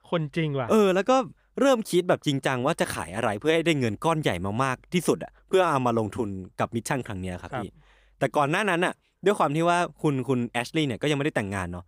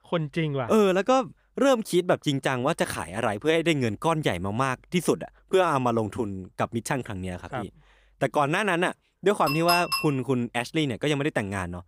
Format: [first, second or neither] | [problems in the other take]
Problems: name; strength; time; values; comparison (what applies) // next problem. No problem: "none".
first | clattering dishes; loud; at 9.5 s; peak level with the speech